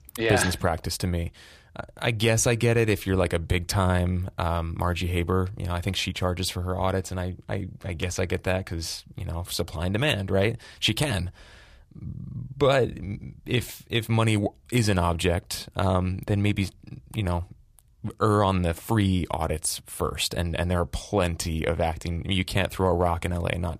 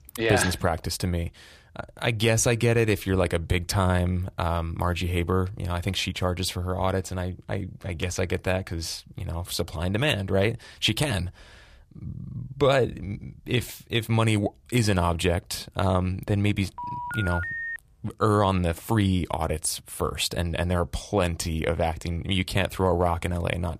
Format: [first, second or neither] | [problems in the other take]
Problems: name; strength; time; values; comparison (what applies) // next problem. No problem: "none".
first | phone ringing; noticeable; at 17 s; peak 4 dB below the speech